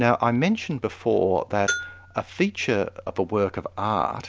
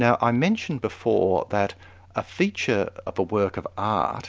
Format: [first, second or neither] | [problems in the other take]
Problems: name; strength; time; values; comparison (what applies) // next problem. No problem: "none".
second | background sound (Bell); 12 dB below the speech